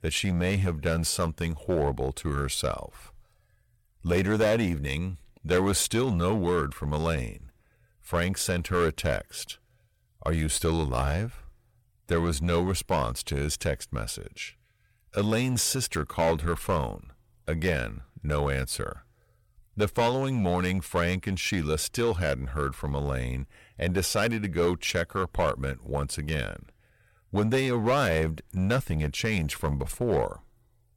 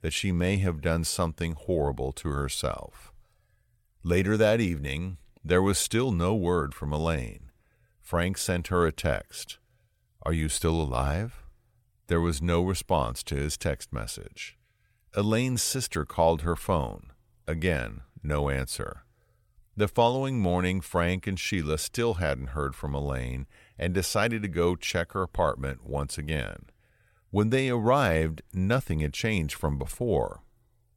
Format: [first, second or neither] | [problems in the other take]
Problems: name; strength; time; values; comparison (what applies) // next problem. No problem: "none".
second | distortion; slight; 5% of the sound clipped